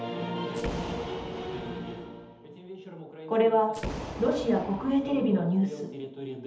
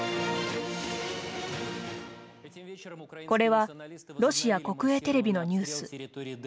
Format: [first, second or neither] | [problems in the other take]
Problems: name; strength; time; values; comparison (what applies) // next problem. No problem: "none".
second | background sound (Boom); 12 dB below the speech // room echo; dies away in 0.8 s